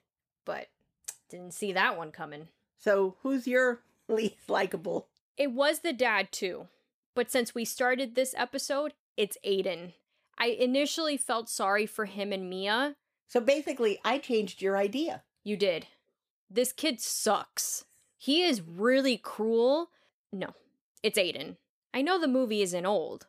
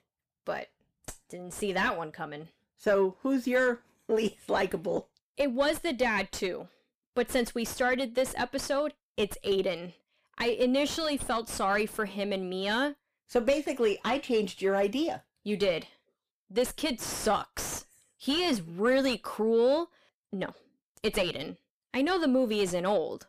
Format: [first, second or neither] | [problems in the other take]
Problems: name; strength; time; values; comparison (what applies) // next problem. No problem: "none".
first | distortion; slight; 8 dB below the speech